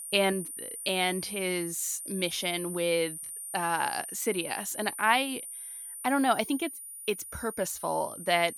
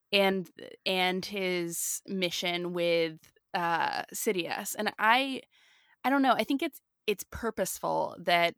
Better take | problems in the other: second | high-pitched whine; loud; throughout; 9.5 kHz, 8 dB below the speech

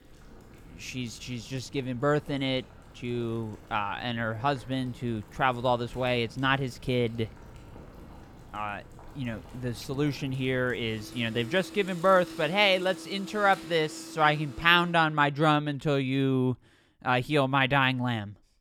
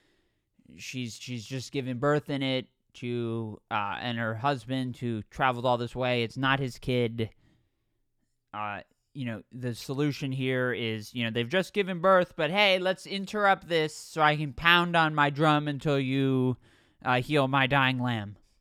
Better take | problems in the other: second | household noises; noticeable; until 15 s; 20 dB below the speech

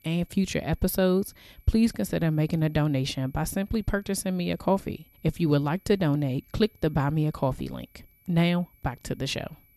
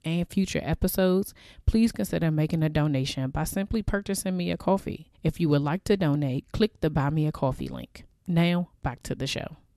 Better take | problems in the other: second | high-pitched whine; faint; throughout; 11.5 kHz, 35 dB below the speech

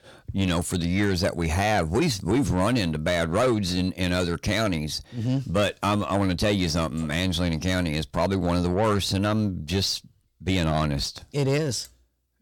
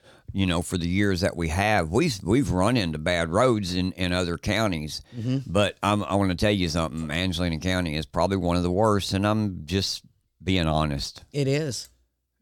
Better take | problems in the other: second | distortion; slight; 10 dB below the speech

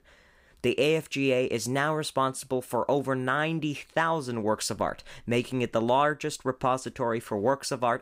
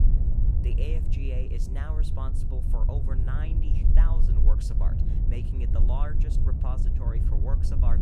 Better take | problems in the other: first | low rumble; loud; throughout; 1 dB below the speech

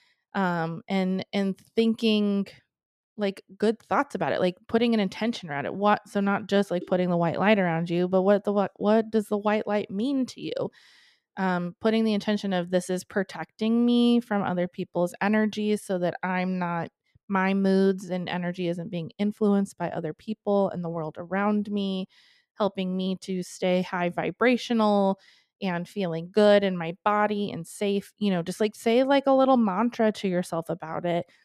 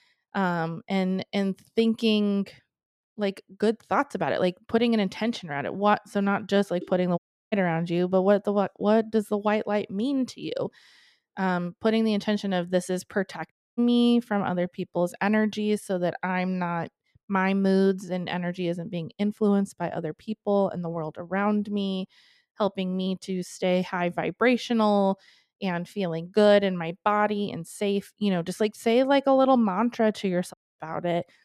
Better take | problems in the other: first | audio cutting out; at 7 s, at 14 s and at 31 s

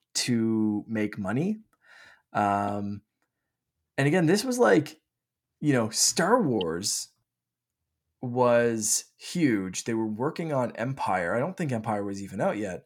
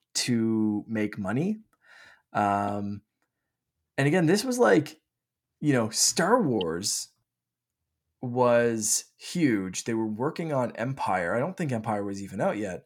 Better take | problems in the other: neither | none

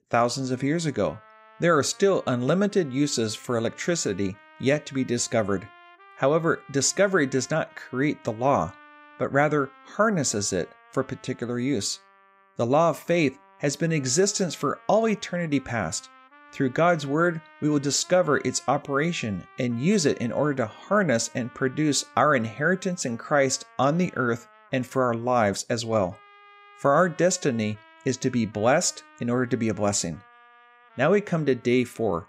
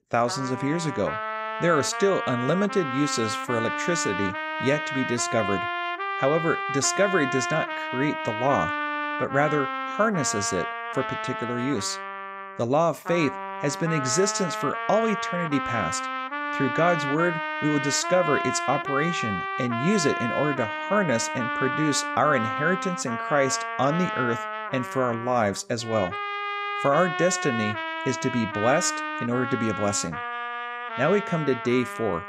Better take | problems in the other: first | background music; loud; throughout; 4 dB below the speech; faint in the first

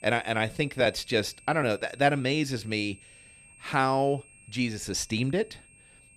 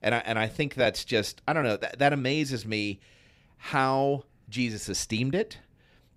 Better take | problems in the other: second | high-pitched whine; faint; throughout; 8.5 kHz, 25 dB below the speech

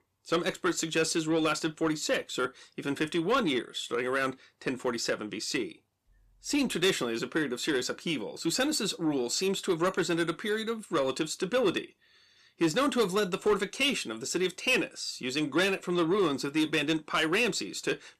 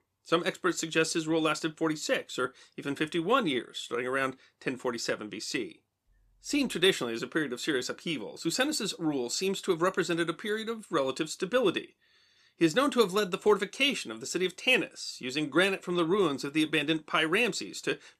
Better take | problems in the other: second | distortion; slight; 10 dB below the speech

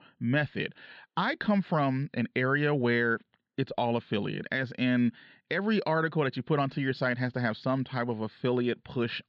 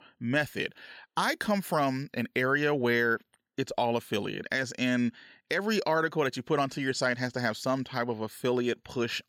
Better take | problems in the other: second | muffled; very slightly; fading above 4 kHz

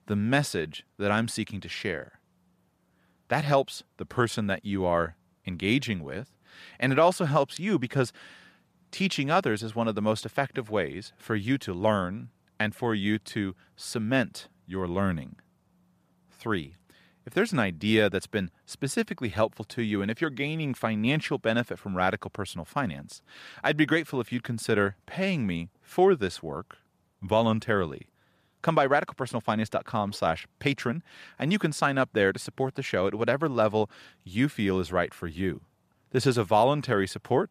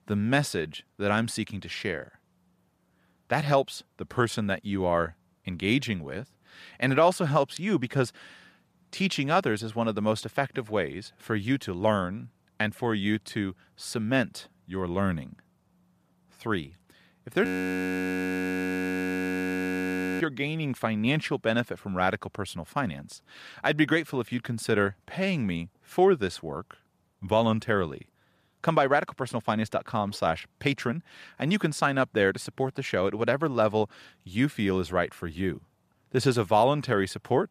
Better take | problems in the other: first | audio freezing; at 17 s for 3 s

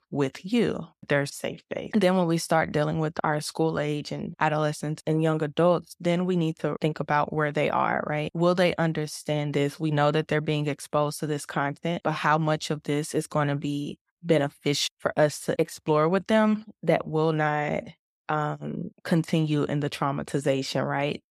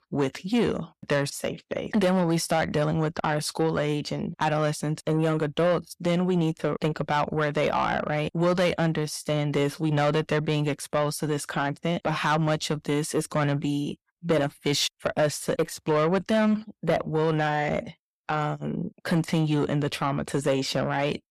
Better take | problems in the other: first | distortion; slight; 10 dB below the speech

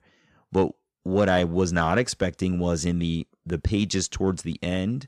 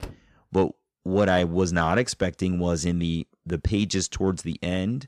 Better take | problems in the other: first | door banging; faint; at the start; peak 15 dB below the speech

